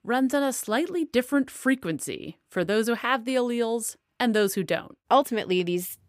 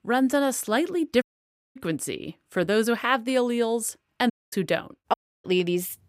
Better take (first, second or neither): first